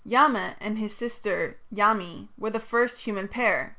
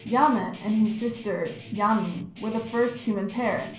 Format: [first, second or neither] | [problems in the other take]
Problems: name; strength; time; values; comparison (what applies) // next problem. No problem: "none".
first | background sound (Guitar); 19 dB below the speech // room echo; dies away in 0.6 s